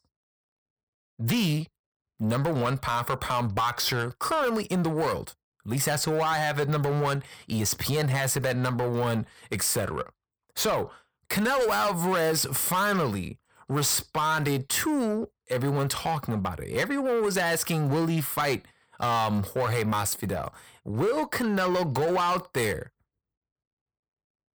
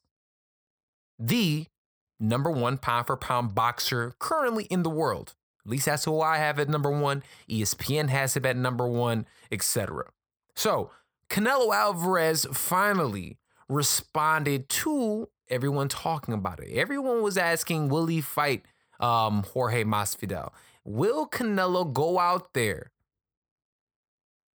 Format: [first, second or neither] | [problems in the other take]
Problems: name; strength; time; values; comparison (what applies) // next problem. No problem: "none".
second | distortion; slight; 10 dB below the speech